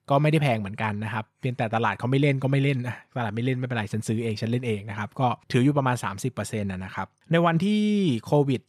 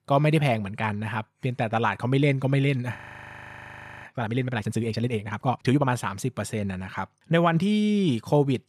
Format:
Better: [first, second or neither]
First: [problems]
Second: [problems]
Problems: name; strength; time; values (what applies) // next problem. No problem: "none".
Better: first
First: none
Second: audio freezing; at 3 s for 1 s